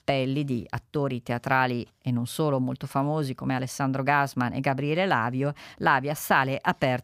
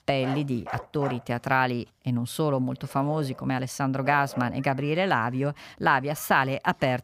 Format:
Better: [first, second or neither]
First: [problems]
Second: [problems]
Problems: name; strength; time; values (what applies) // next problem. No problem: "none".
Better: first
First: none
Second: animal sounds; noticeable; throughout; 15 dB below the speech